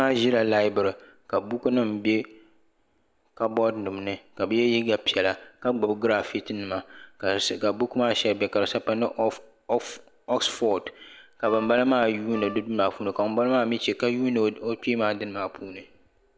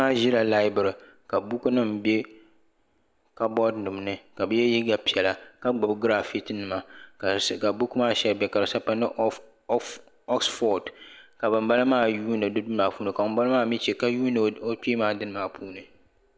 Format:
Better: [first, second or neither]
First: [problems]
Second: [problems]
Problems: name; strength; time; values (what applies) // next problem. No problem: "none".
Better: second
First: background sound (Wind instrument, woodwind instrument); 14 dB below the speech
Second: none